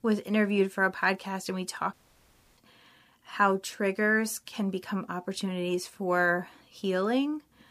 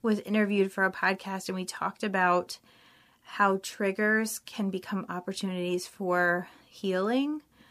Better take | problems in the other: second | audio cutting out; at 2 s for 0.5 s

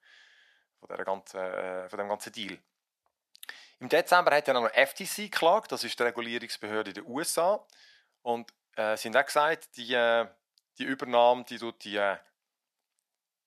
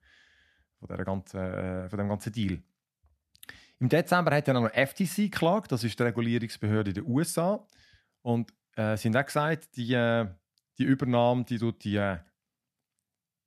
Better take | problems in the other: second | thin; very; fading below 550 Hz

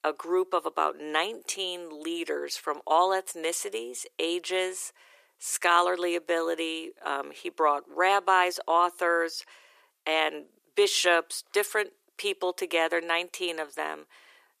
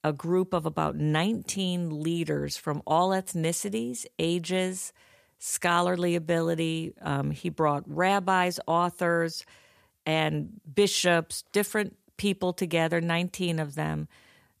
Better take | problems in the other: second | thin; very; fading below 350 Hz

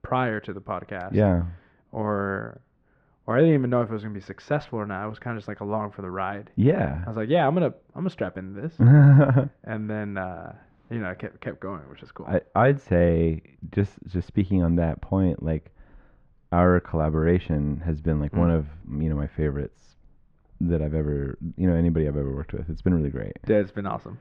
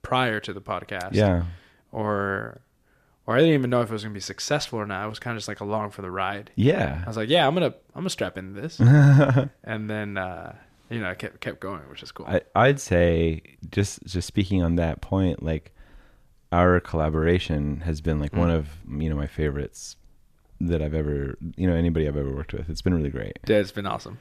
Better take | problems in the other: second | muffled; very; fading above 1.5 kHz

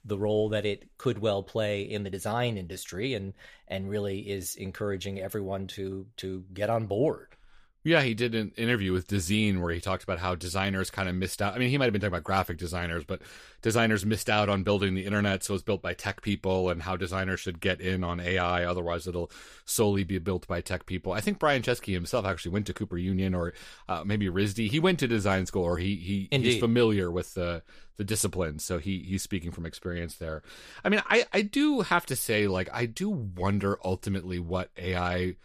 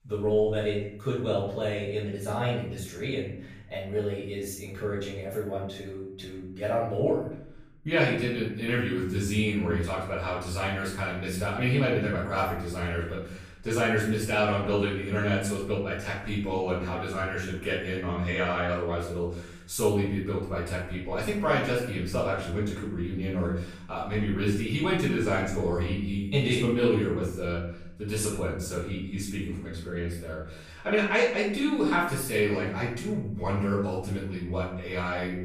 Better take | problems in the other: first | off-mic speech; far // room echo; noticeable; dies away in 0.7 s

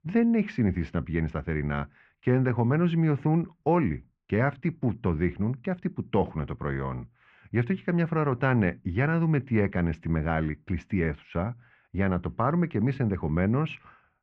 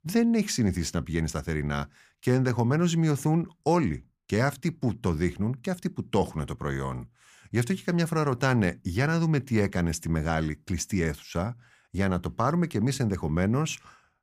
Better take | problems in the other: second | muffled; very; fading above 2.5 kHz

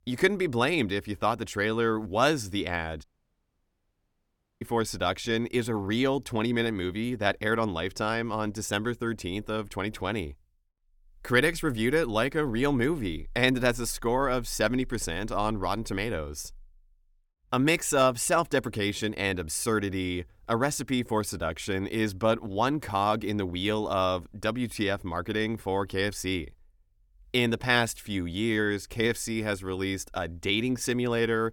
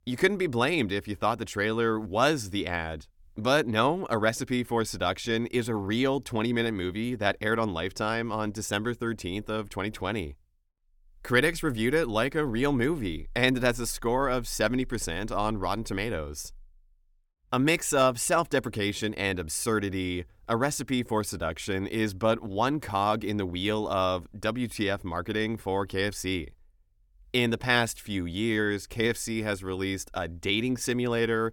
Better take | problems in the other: second | audio cutting out; at 3 s for 1.5 s

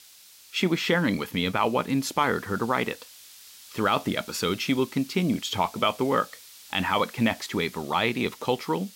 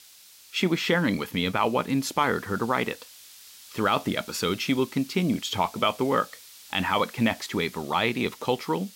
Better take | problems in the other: neither | hiss; noticeable; throughout; 20 dB below the speech; the same in both

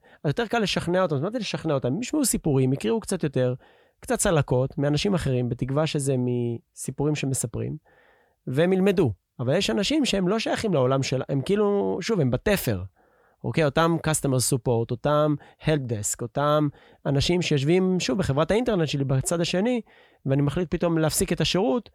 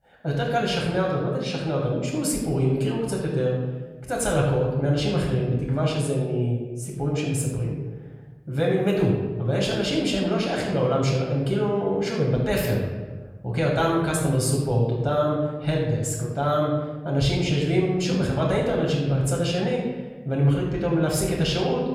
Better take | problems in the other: first | off-mic speech; far // room echo; noticeable; dies away in 1.2 s

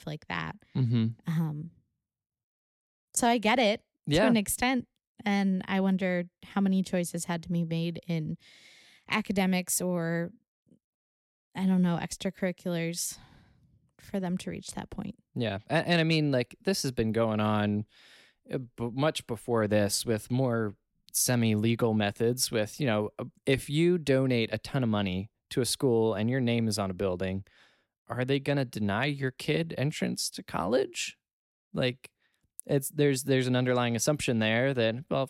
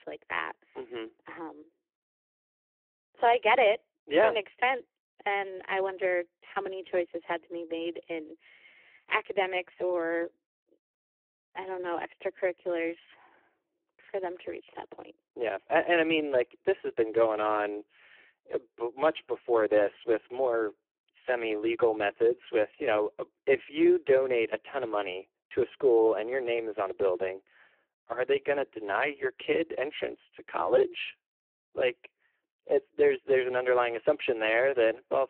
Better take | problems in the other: first | phone-call audio; poor line

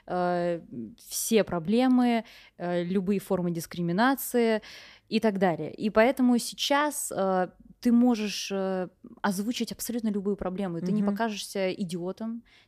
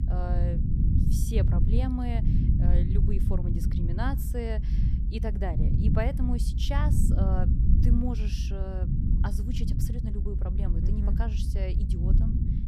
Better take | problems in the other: first | low rumble; loud; throughout; 2 dB below the speech

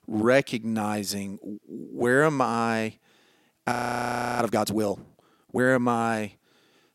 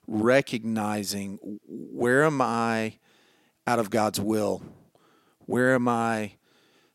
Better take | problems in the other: second | audio freezing; at 3.5 s for 0.5 s

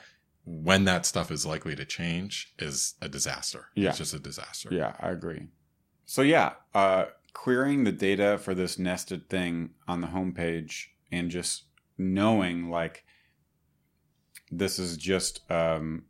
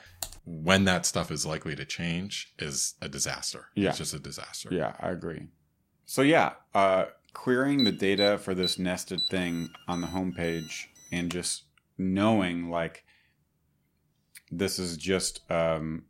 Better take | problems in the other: first | keyboard typing; faint; at the start; peak 10 dB below the speech // alarm; noticeable; from 8 to 11 s; peak 2 dB below the speech

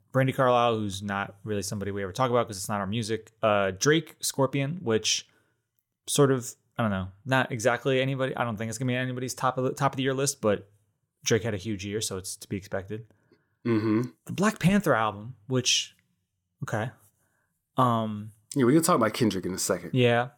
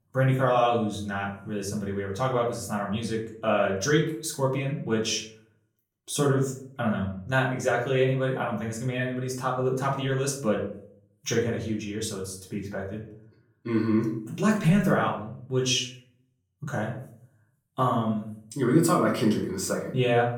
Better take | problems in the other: first | off-mic speech; far // room echo; slight; dies away in 0.5 s

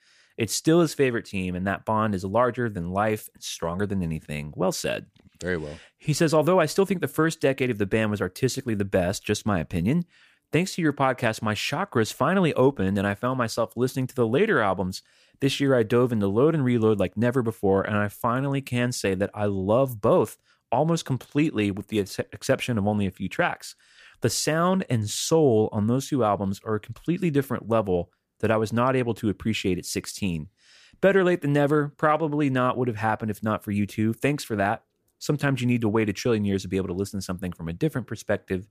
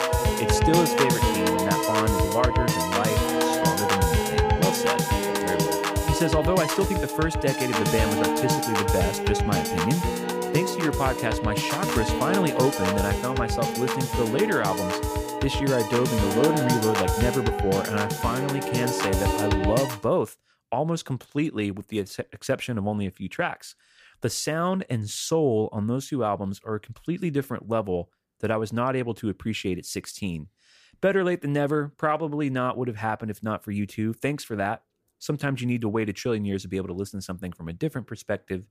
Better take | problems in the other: first | background music; very loud; until 20 s; 3 dB above the speech

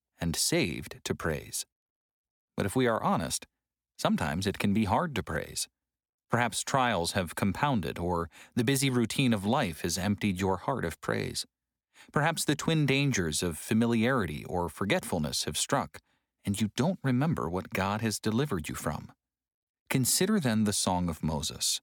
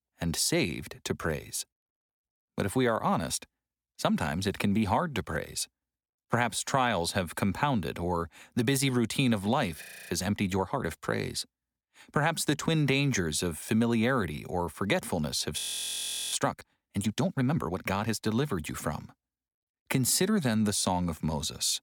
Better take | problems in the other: first | audio freezing; at 10 s and at 16 s for 0.5 s

